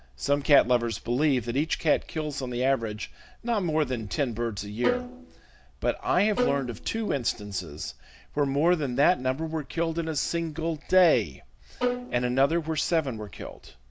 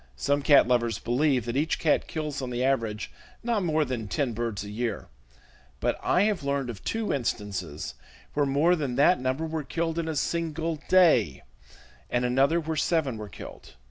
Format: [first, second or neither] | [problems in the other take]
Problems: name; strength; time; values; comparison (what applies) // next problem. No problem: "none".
second | background sound (Bowed string instrument); 4 dB below the speech